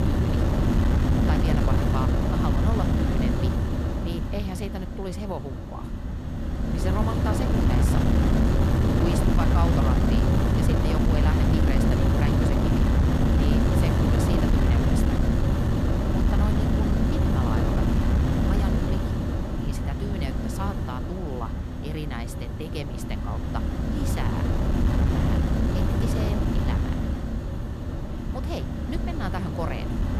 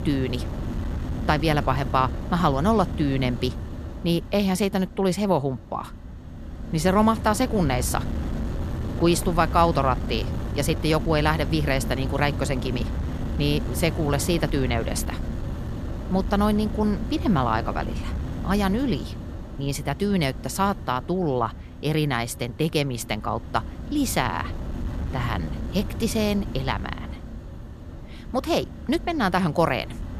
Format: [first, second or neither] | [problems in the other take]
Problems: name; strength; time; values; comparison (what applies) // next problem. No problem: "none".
second | wind noise on the microphone; heavy; 5 dB above the speech; occasional gusts in the second